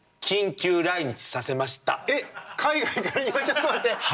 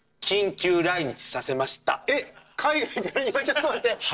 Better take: first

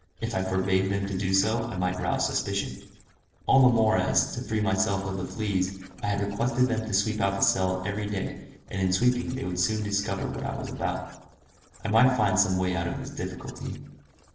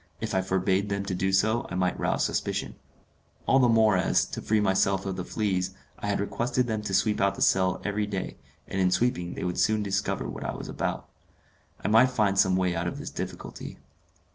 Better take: second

